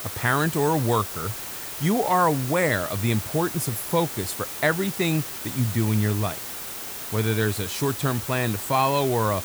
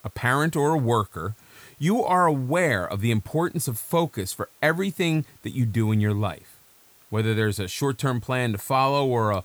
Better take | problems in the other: second | hiss; loud; throughout; 7 dB below the speech; faint in the second

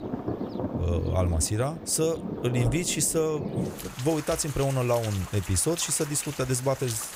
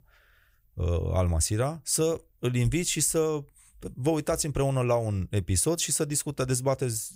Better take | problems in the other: second | rain or running water; loud; throughout; 9 dB below the speech

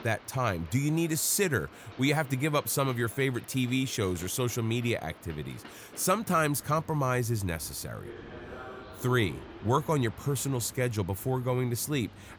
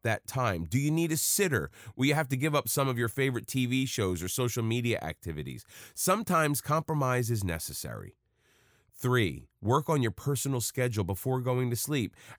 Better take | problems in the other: second | train or aircraft noise; noticeable; throughout; 20 dB below the speech

